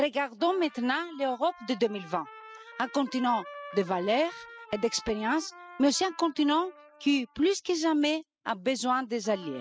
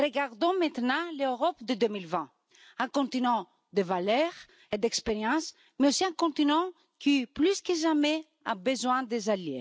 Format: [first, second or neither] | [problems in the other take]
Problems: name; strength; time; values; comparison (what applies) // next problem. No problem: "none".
second | noise reduction (classical method spectral subtraction)